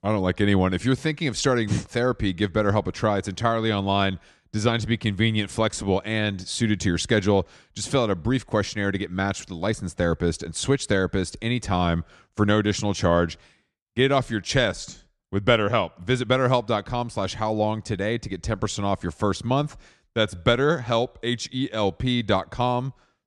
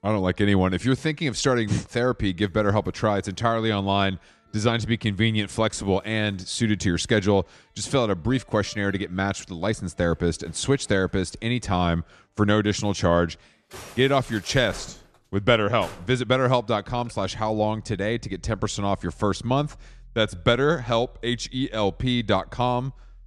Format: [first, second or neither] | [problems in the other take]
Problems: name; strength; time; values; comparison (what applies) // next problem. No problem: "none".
first | background music; faint; throughout; 25 dB below the speech